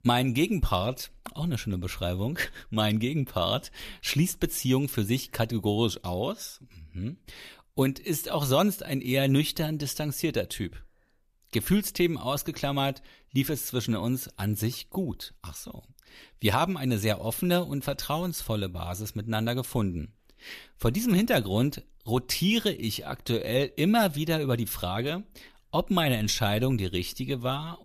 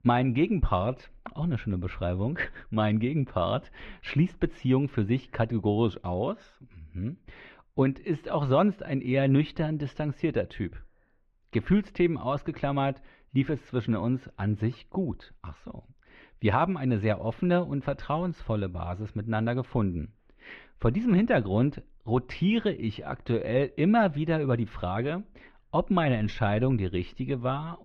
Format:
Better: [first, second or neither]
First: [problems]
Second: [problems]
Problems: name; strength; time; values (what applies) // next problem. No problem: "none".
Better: first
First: none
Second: muffled; very; fading above 2 kHz